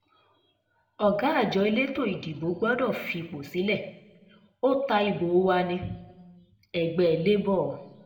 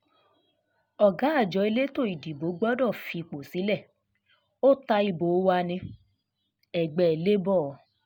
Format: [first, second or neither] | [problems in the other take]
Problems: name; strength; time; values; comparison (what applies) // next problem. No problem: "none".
second | room echo; dies away in 0.7 s